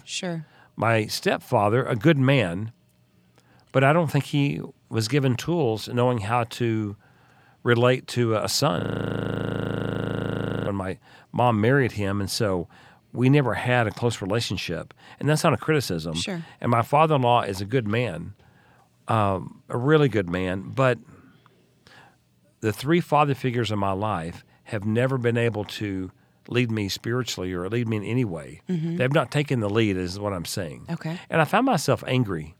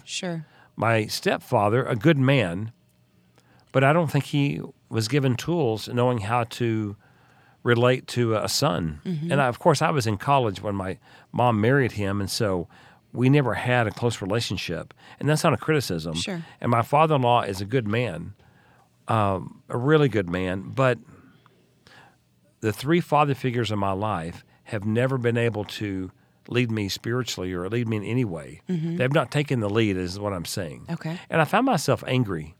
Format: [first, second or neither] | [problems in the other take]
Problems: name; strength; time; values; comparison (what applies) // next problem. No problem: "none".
second | audio freezing; at 9 s for 2 s